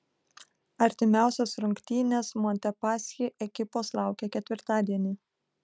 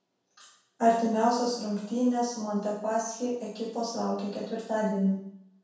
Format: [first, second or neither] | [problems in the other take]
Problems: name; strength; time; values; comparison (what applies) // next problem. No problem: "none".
first | room echo; dies away in 0.7 s